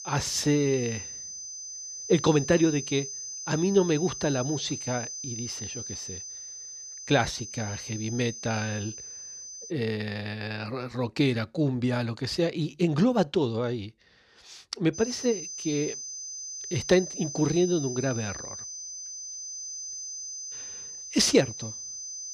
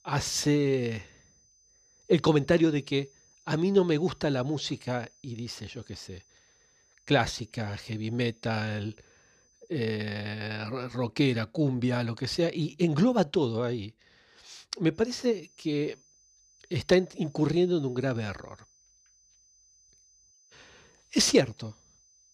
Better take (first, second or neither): second